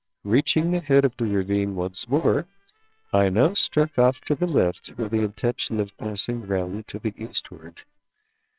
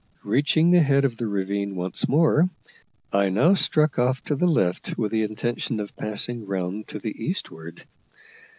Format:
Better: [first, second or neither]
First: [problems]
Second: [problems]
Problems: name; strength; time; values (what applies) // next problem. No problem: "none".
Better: second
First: noise reduction (neural separator model SepFormer WHAMR!)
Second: none